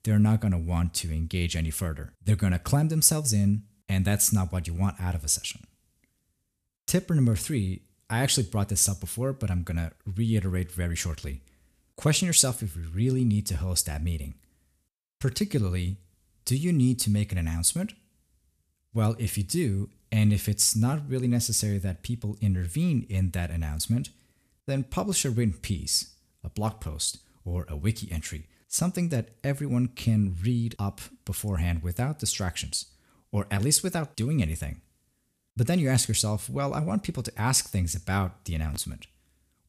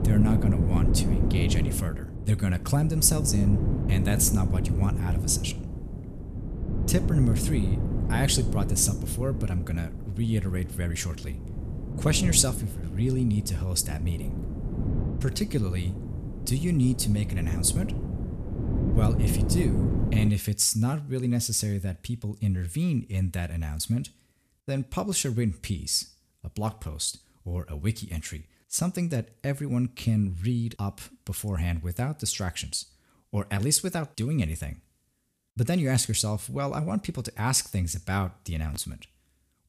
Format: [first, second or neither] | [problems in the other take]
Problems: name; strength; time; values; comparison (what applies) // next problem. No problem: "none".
first | wind noise on the microphone; heavy; until 20 s; 7 dB below the speech